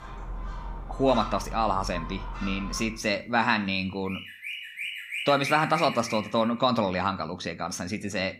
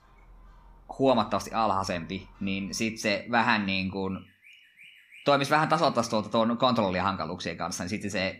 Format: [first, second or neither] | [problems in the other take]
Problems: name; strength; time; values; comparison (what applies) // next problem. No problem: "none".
second | animal sounds; loud; until 6 s; 9 dB below the speech; faint in the second